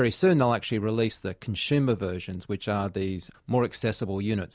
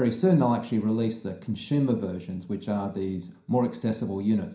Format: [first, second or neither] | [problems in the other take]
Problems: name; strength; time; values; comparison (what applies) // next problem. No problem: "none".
first | room echo; dies away in 0.5 s